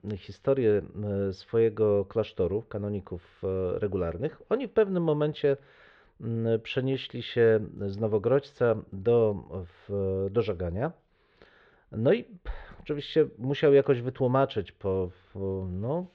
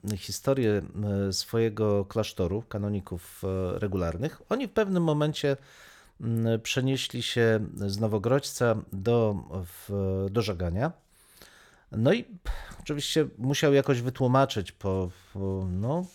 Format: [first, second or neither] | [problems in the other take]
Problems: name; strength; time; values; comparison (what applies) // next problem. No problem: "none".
second | muffled; very; fading above 3.5 kHz